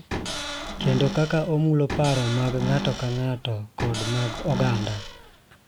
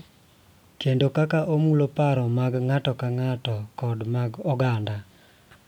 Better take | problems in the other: second | background sound (Cupboard open or close / Door); 7 dB below the speech

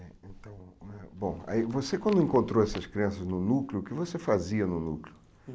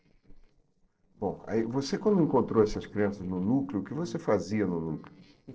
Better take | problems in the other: first | noise reduction (neural separator model SepFormer DNS4)

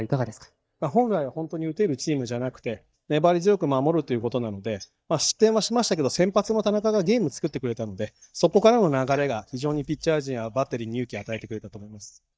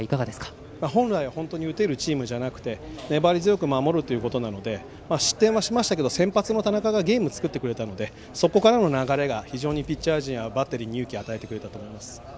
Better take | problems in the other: second | noise reduction (neural mask model DeepFilterNet 3)

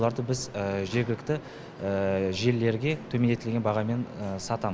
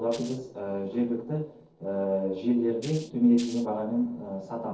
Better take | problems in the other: first | noise reduction (neural separator model SepFormer DNS4)

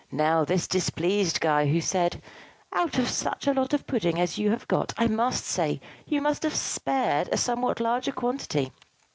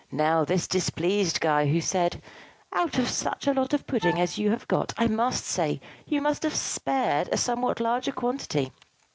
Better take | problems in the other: first | background sound (Wind instrument, woodwind instrument); 9 dB below the speech

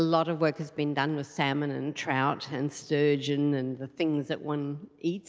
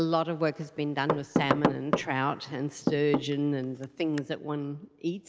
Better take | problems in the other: first | background sound (Knock / Wood); 2 dB below the speech

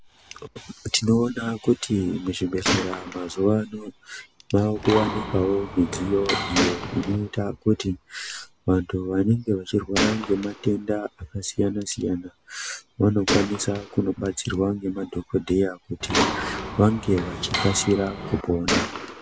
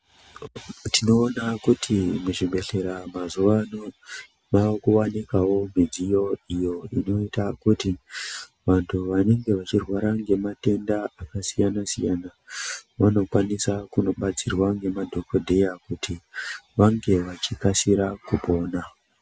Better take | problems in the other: second | background sound (Gunshot, gunfire + Mechanisms); 7 dB below the speech

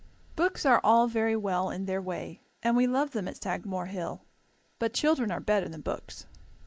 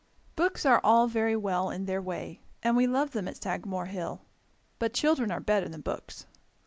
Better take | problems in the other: second | noise reduction (neural mask model Resemble Enhance denoiser)

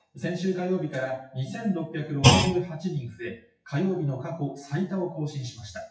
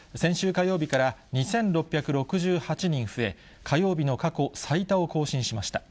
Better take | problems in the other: second | noise reduction (classical method WPE with log-MMSE)

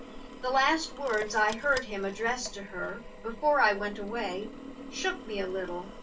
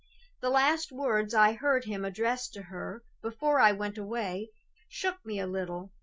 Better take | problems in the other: second | background sound (Drill); 14 dB below the speech // room echo; dies away in 0.2 s

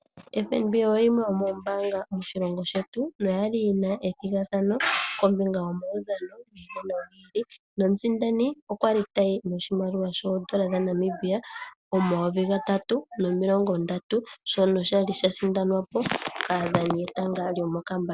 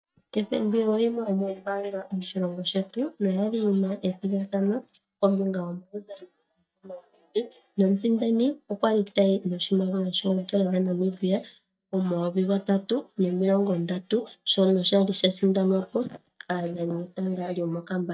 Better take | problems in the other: first | noise reduction (neural mask model DeepFilterNet 3)

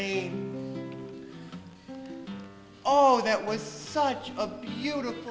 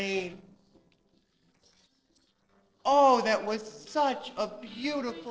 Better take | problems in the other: first | noise reduction (neural separator model SepFormer DNS4)

